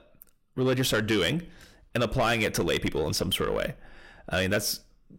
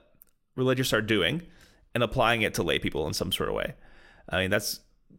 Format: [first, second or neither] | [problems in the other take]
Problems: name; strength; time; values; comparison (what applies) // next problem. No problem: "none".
second | distortion; slight; 10 dB below the speech